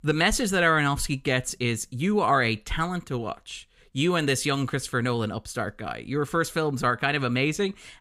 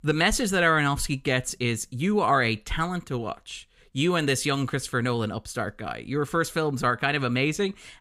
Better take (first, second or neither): neither